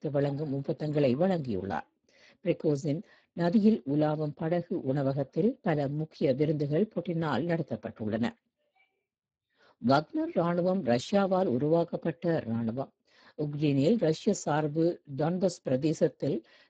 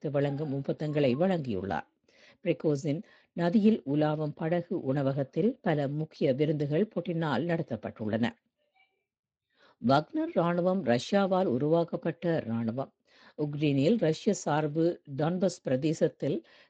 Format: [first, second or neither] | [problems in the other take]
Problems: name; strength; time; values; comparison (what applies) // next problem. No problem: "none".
second | garbled, watery; badly; nothing above 7.5 kHz; slightly in the second